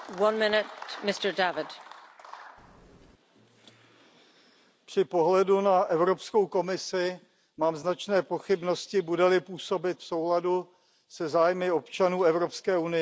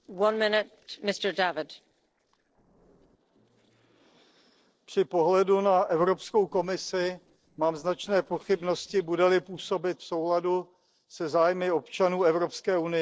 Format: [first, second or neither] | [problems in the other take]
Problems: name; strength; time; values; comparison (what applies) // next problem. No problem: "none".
first | noise reduction (neural separator model SepFormer DNS4)